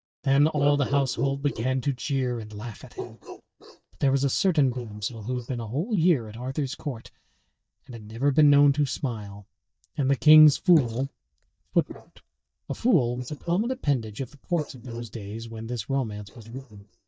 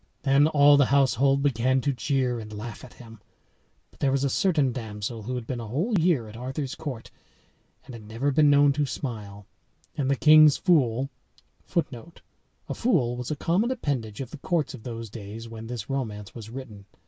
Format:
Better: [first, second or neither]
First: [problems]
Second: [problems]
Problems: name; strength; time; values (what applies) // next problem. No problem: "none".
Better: second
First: noise reduction (neural mask model DeepFilterNet 3)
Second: none